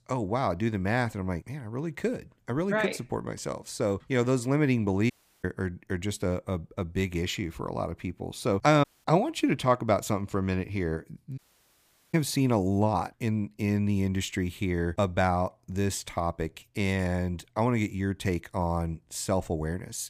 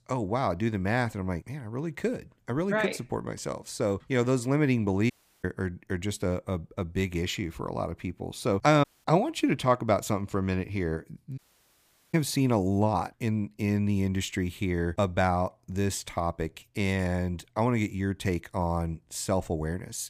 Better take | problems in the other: neither | audio cutting out; at 5 s, at 9 s and at 11 s for 1 s; the same in both

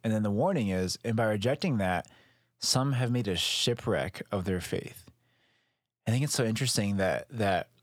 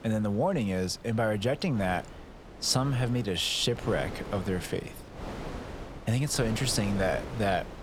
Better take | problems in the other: first | wind noise on the microphone; occasional gusts; 15 dB below the speech

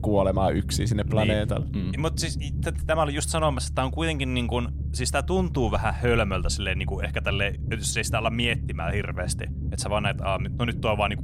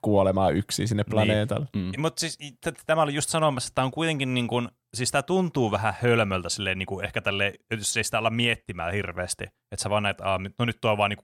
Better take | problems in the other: second | low rumble; noticeable; throughout; 15 dB below the speech

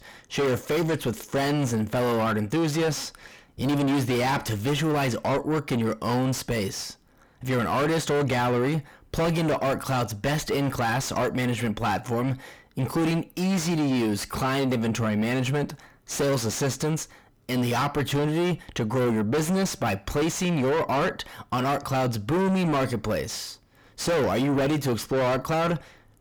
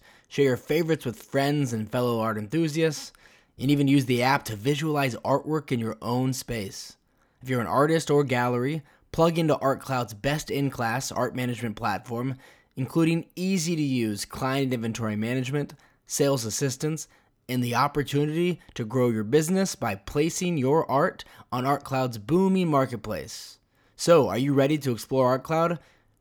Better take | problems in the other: second | distortion; heavy; 5 dB below the speech

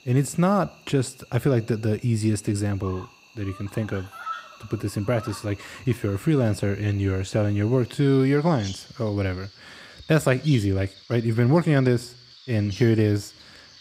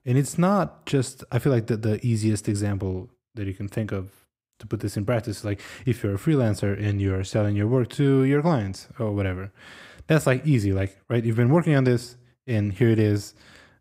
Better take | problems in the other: second | animal sounds; noticeable; throughout; 20 dB below the speech

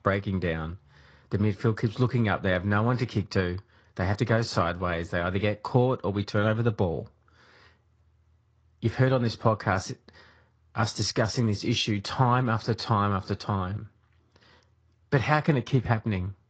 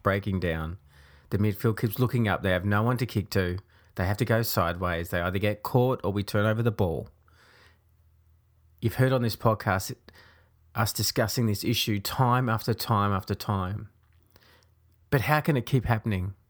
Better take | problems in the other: second | garbled, watery; slightly; nothing above 7.5 kHz

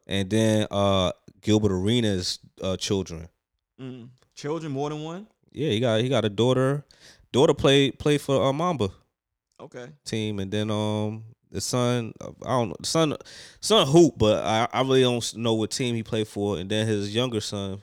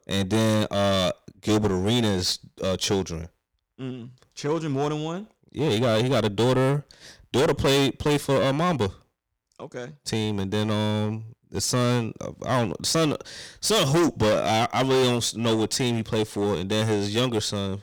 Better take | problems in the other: first | distortion; heavy; 13% of the sound clipped

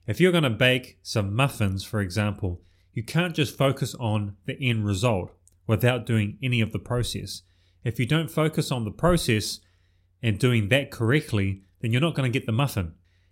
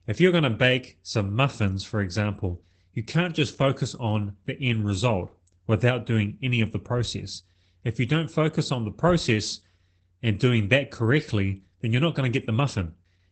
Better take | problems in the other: first | garbled, watery; badly; nothing above 8 kHz

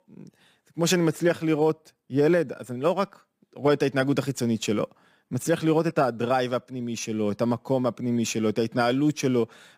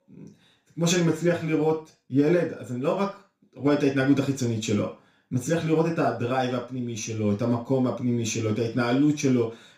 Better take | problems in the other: first | room echo; slight; dies away in 0.3 s // off-mic speech; far

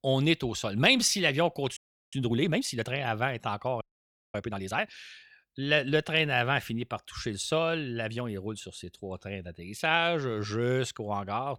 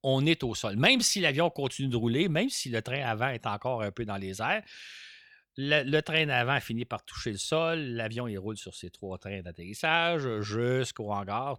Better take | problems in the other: second | audio freezing; at 2 s and at 4 s for 0.5 s

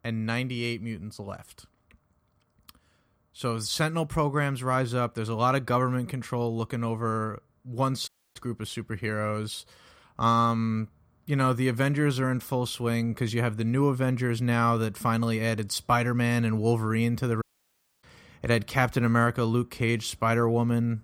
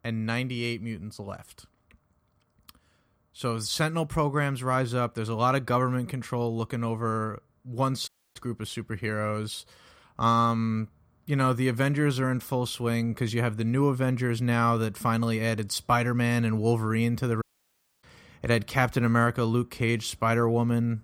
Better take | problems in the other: neither | audio cutting out; at 8 s and at 17 s for 0.5 s; the same in both

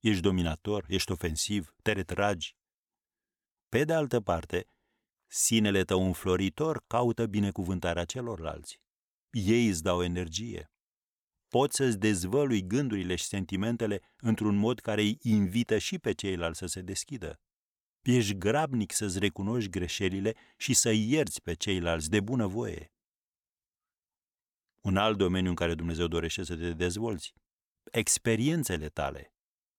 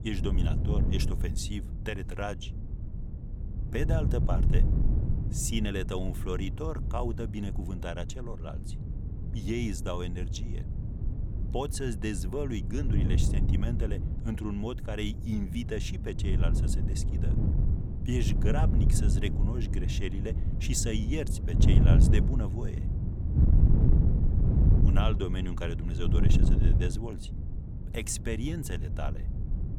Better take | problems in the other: first | wind noise on the microphone; heavy; 5 dB below the speech

